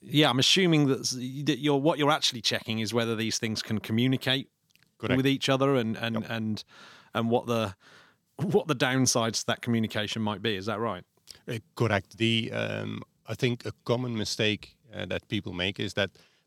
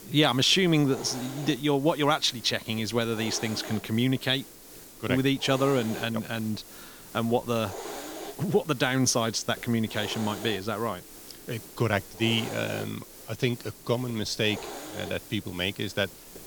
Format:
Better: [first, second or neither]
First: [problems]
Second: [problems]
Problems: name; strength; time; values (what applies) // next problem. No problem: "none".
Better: first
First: none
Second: hiss; noticeable; throughout; 15 dB below the speech